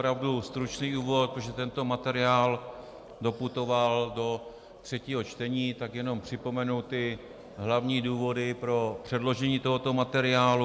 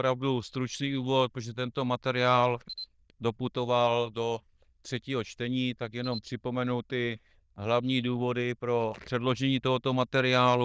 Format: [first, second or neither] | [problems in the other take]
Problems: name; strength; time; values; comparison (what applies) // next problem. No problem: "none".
first | noise reduction (neural diffusion model UNIVERSE++)